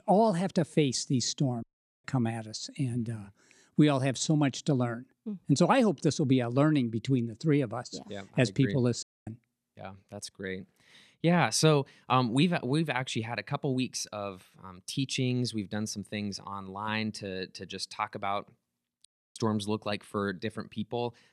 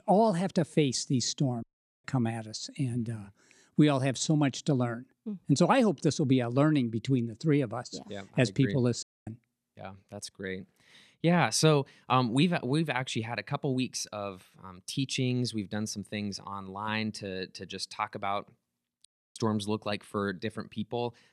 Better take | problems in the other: neither | audio cutting out; at 1.5 s, at 9 s and at 19 s; the same in both

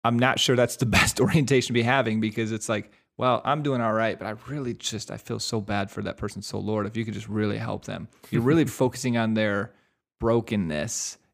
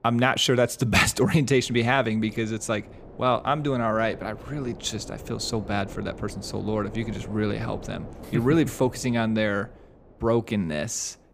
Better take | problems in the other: first | wind noise on the microphone; occasional gusts; 20 dB below the speech

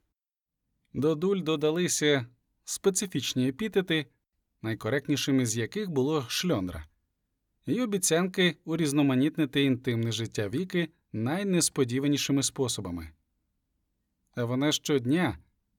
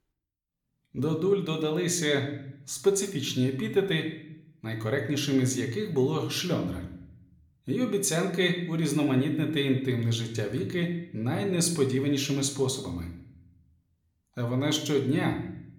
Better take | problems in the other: first | room echo; slight; dies away in 0.6 s

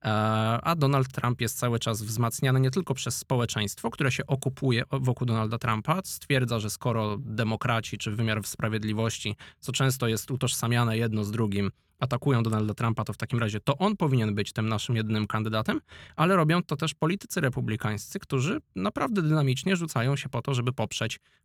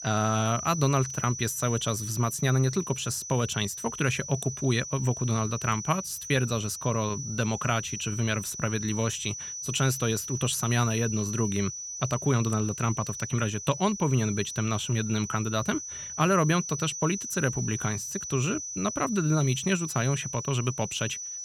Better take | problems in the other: first | high-pitched whine; loud; throughout; 6 kHz, 7 dB below the speech

